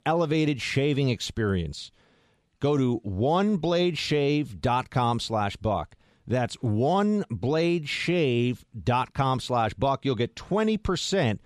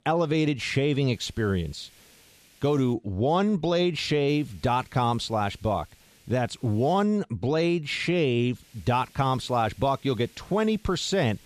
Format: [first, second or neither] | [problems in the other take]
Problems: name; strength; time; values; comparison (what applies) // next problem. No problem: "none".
first | hiss; faint; from 1 to 3 s, from 4.5 to 7 s and from 8.5 s on; 30 dB below the speech